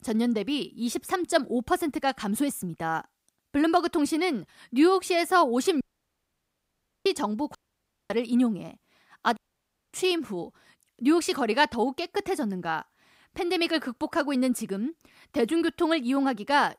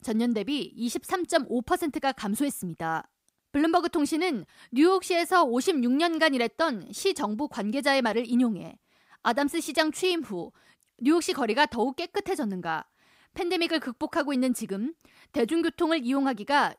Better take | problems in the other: second | audio cutting out; at 6 s for 1 s, at 7.5 s for 0.5 s and at 9.5 s for 0.5 s

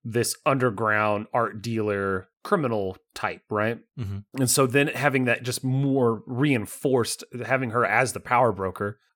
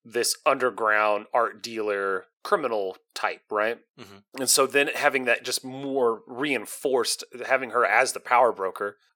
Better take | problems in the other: first | thin; somewhat; fading below 500 Hz

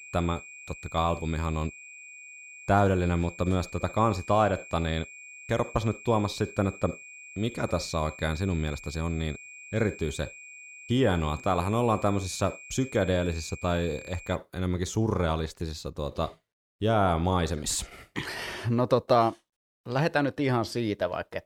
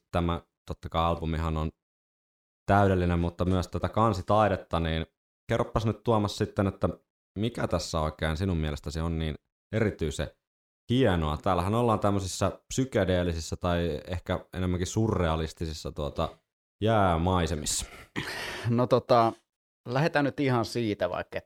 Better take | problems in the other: second | high-pitched whine; noticeable; until 14 s; 2.5 kHz, 15 dB below the speech

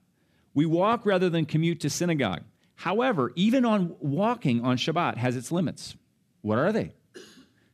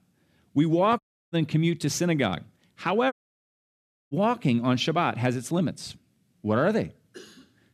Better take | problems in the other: first | audio cutting out; at 1 s and at 3 s for 1 s

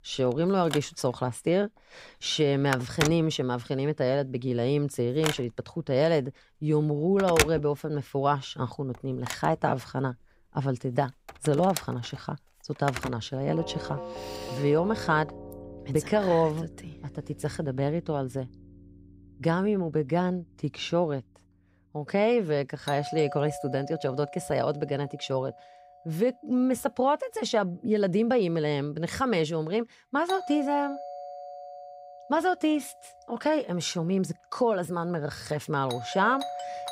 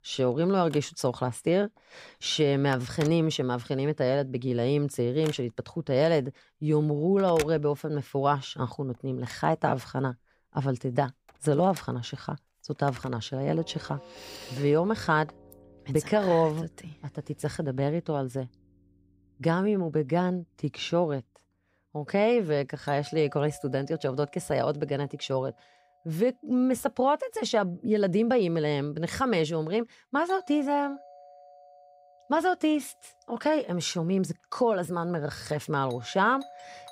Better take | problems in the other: second | alarms or sirens; loud; throughout; 9 dB below the speech; faint in the second

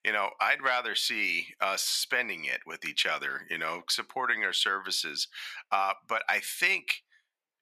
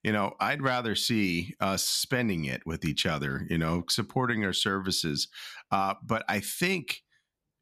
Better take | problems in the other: second | thin; very; fading below 650 Hz

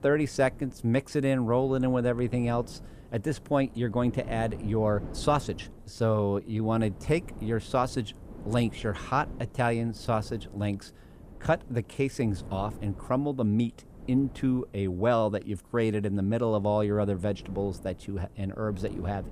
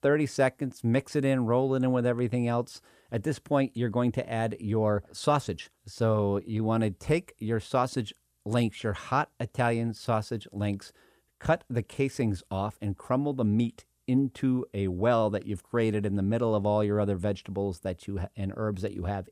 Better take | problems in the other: second | wind noise on the microphone; occasional gusts; 20 dB below the speech

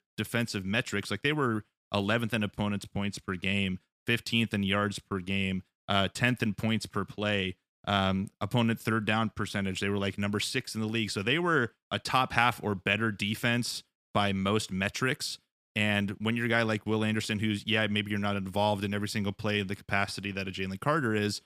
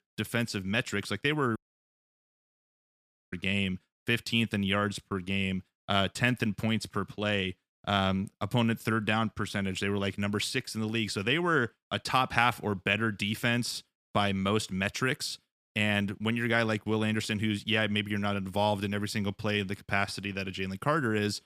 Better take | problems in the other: first | audio cutting out; at 1.5 s for 2 s

